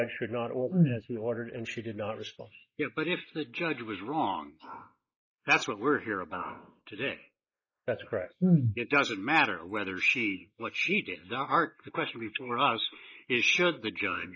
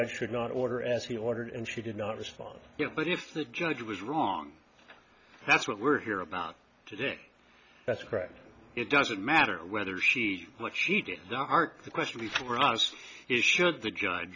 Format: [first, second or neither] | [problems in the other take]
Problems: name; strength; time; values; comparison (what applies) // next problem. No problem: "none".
second | noise reduction (neural mask model Resemble Enhance denoiser)